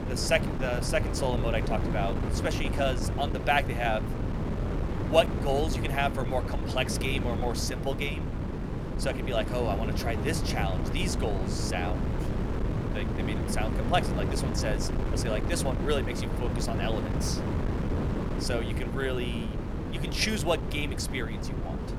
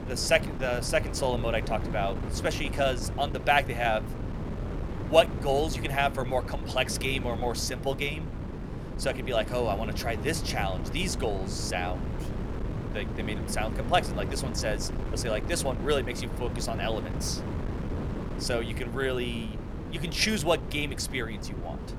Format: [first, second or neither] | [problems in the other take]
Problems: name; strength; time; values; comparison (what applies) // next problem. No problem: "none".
second | wind noise on the microphone; heavy; 6 dB below the speech; occasional gusts in the second